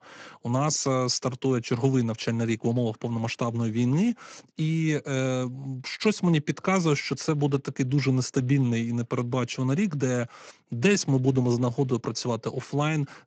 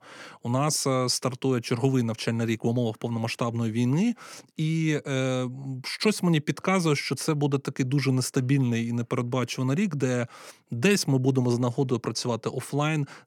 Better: second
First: garbled, watery; slightly; nothing above 7.5 kHz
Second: none

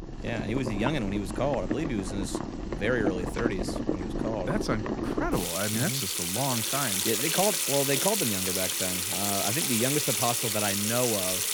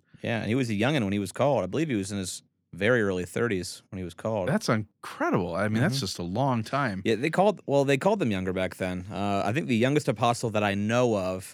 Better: second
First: household noises; very loud; throughout; 3 dB above the speech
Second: none

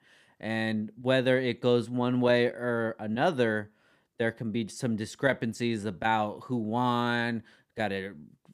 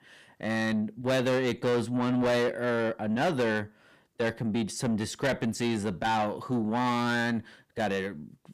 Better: first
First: none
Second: distortion; heavy; 7 dB below the speech

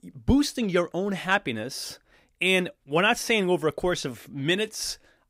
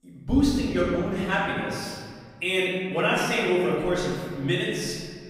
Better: first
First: none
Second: room echo; strong; dies away in 2 s // off-mic speech; far

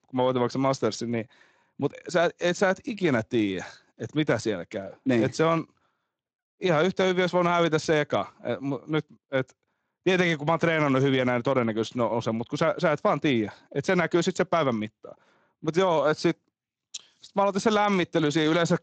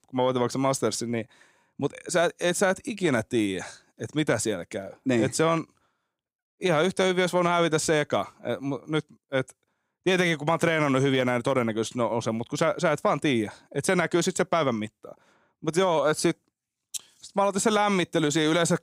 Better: second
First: garbled, watery; slightly; nothing above 7.5 kHz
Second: none

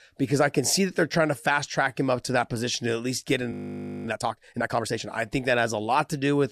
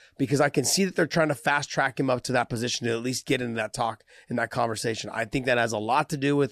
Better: second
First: audio freezing; at 3.5 s for 0.5 s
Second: none

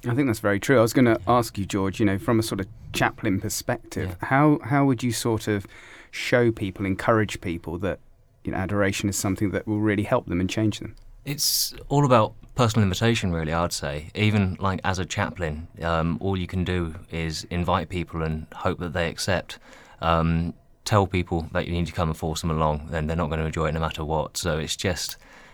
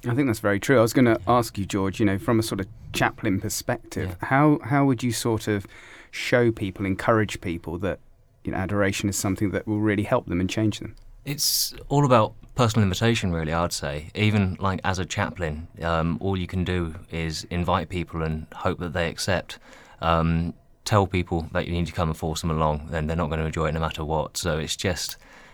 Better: neither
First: none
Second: none

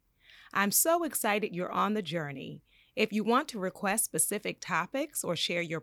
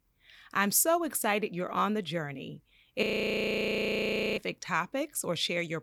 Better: first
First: none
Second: audio freezing; at 3 s for 1.5 s

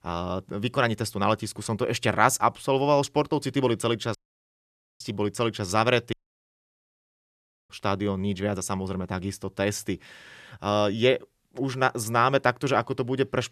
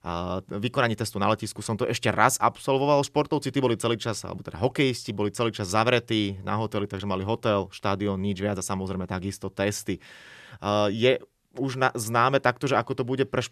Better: second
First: audio cutting out; at 4 s for 1 s and at 6 s for 1.5 s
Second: none

